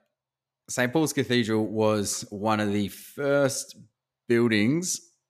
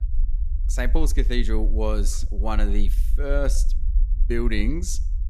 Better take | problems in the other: first | low rumble; noticeable; throughout; 20 dB below the speech

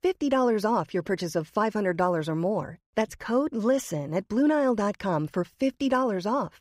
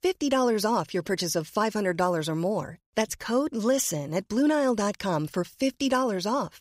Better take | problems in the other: second | muffled; slightly; fading above 3 kHz

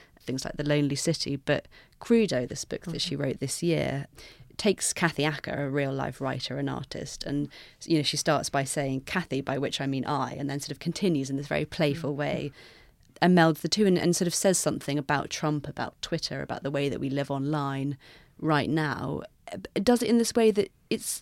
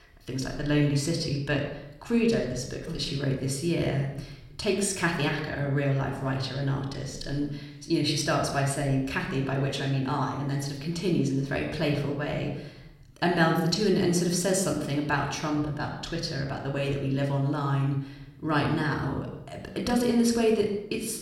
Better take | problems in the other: first | off-mic speech; somewhat distant // room echo; slight; dies away in 0.7 s

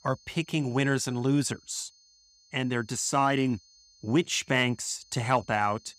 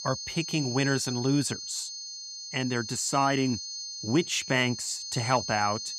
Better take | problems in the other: first | high-pitched whine; loud; throughout; 4.5 kHz, 7 dB below the speech; faint in the first

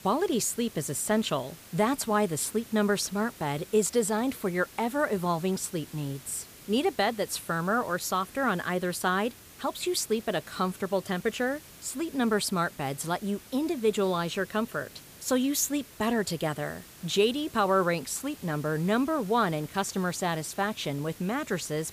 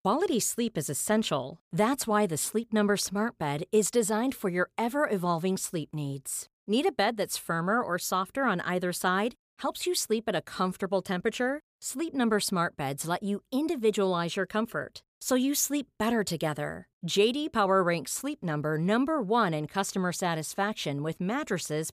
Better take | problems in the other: second | hiss; noticeable; throughout; 20 dB below the speech

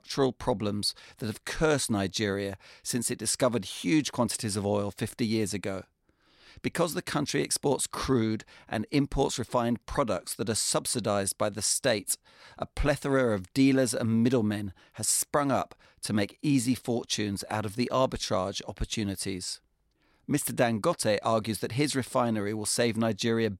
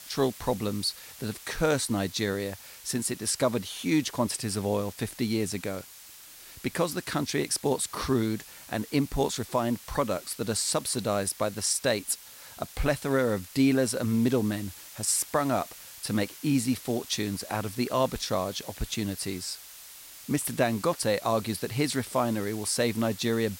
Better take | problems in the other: first | hiss; noticeable; throughout; 15 dB below the speech

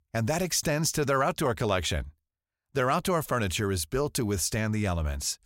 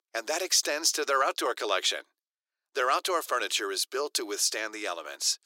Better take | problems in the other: first | thin; very; fading below 350 Hz

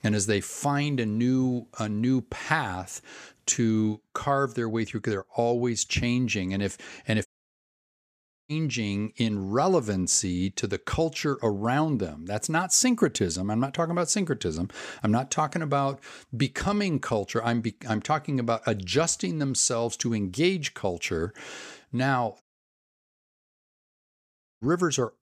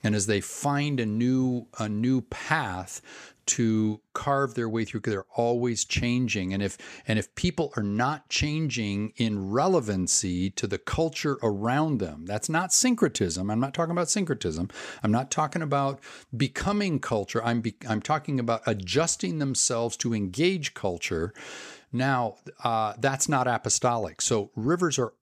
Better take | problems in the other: second | audio cutting out; at 7.5 s for 1 s and at 22 s for 2 s

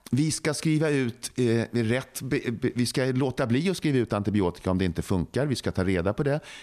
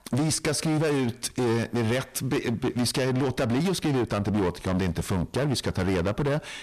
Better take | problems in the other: first | distortion; heavy; 23% of the sound clipped

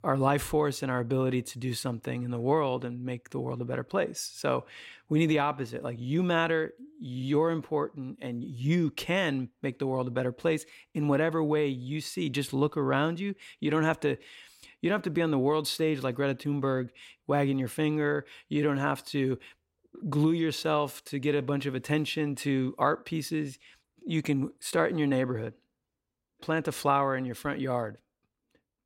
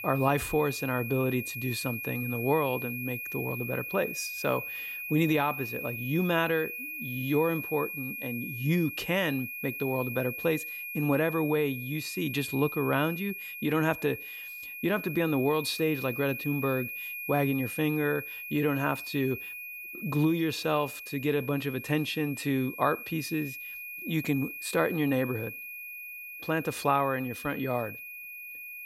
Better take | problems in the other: first | high-pitched whine; loud; throughout; 2.5 kHz, 7 dB below the speech

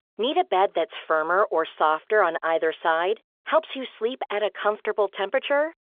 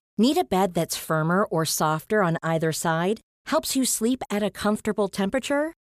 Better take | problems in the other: second | phone-call audio; nothing above 3.5 kHz

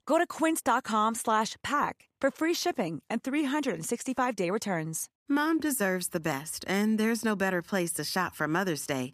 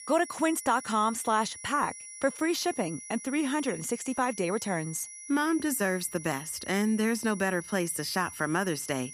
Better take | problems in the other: first | high-pitched whine; noticeable; throughout; 10 kHz, 10 dB below the speech

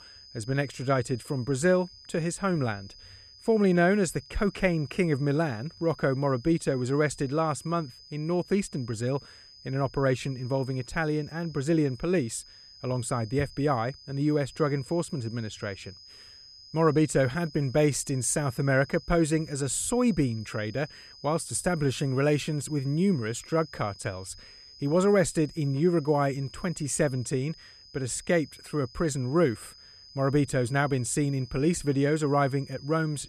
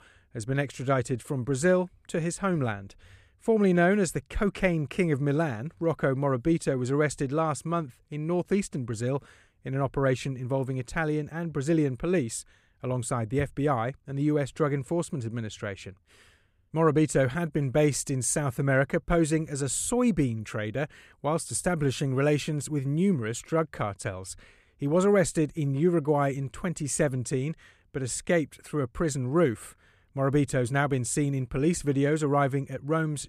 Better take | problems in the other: second | high-pitched whine; faint; throughout; 5 kHz, 20 dB below the speech

